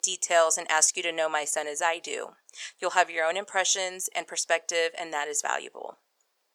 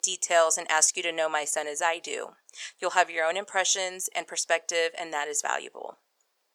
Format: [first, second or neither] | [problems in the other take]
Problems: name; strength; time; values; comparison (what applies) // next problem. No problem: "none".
neither | thin; very; fading below 650 Hz; the same in both